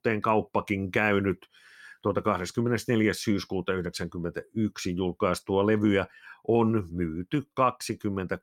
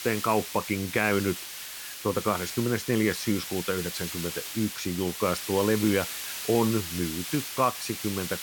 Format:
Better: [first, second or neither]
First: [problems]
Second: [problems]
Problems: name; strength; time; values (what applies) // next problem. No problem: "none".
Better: first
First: none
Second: hiss; loud; throughout; 6 dB below the speech